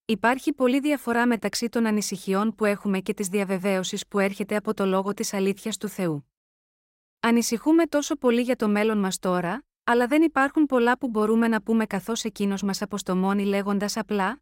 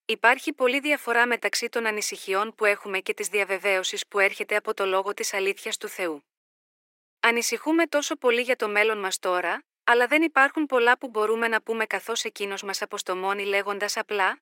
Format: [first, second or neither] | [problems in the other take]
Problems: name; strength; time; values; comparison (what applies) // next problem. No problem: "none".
first | thin; very; fading below 350 Hz